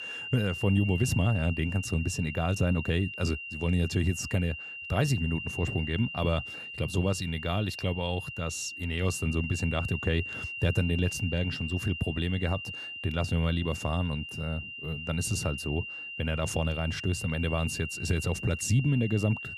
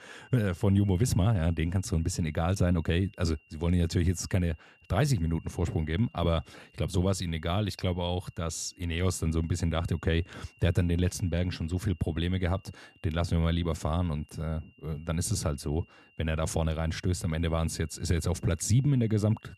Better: second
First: high-pitched whine; loud; throughout; 3 kHz, 7 dB below the speech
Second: high-pitched whine; faint; throughout; 3 kHz, 30 dB below the speech

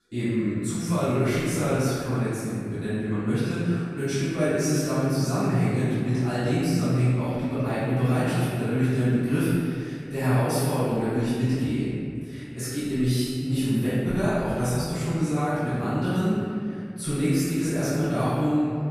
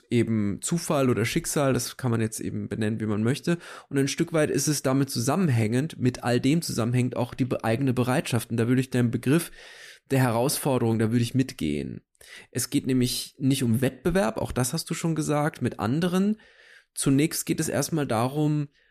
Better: second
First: room echo; strong; dies away in 2.1 s // off-mic speech; far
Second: none

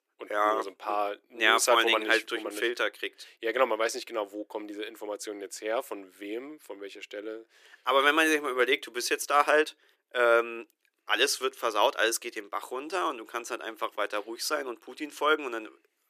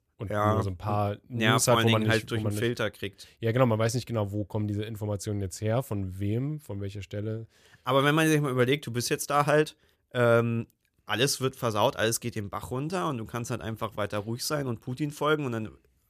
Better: second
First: thin; very; fading below 350 Hz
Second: none

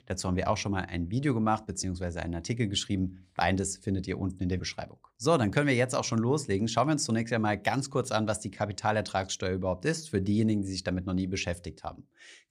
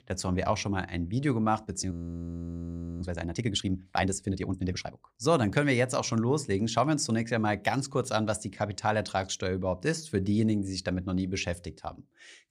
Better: first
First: none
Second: audio freezing; at 2 s for 1 s

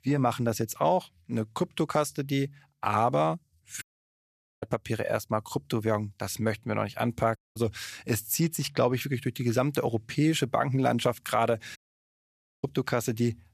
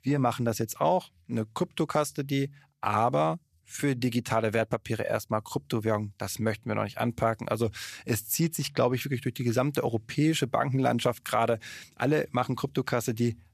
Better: second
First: audio cutting out; at 4 s for 1 s, at 7.5 s and at 12 s for 1 s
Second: none

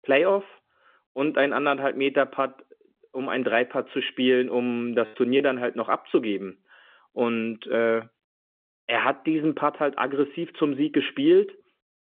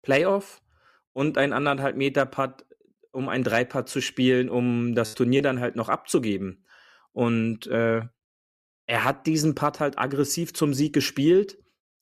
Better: second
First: phone-call audio; nothing above 3.5 kHz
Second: none

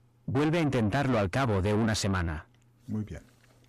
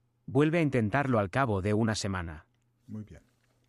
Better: second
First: distortion; heavy; 6 dB below the speech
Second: none

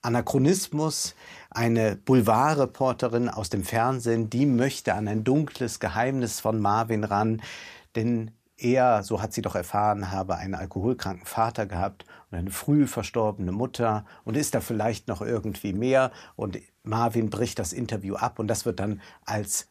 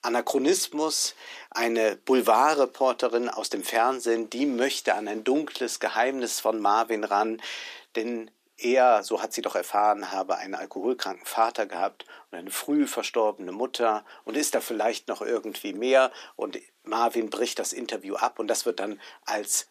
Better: first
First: none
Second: thin; somewhat; fading below 300 Hz

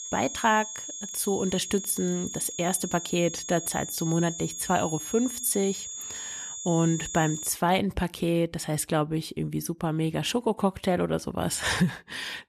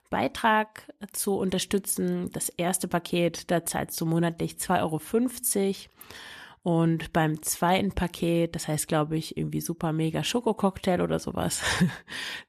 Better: second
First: high-pitched whine; loud; until 7.5 s; 7 kHz, 7 dB below the speech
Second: none

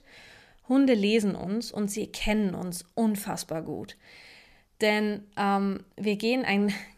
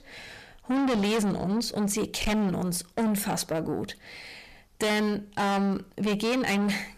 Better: first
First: none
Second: distortion; heavy; 6 dB below the speech

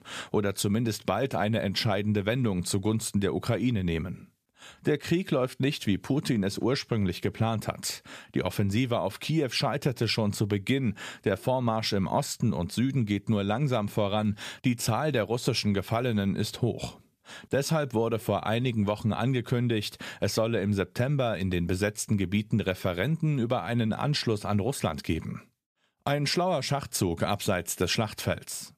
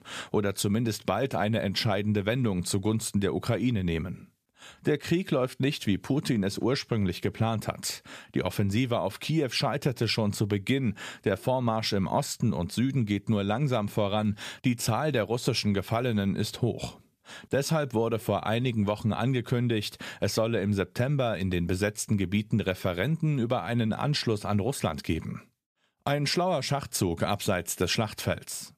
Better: neither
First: none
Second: none

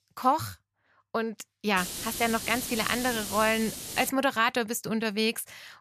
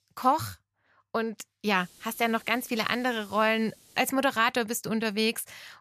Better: second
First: hiss; loud; from 2 to 4 s; 7 dB below the speech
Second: hiss; faint; from 2 to 4 s; 25 dB below the speech

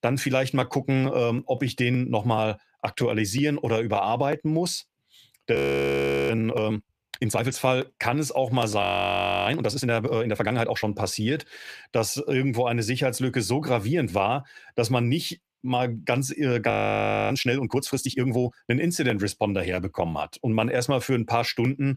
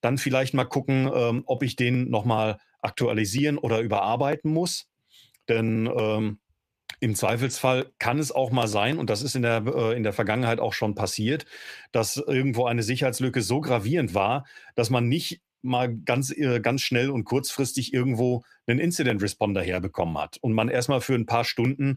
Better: second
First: audio freezing; at 5.5 s for 0.5 s, at 9 s for 0.5 s and at 17 s for 0.5 s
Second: none

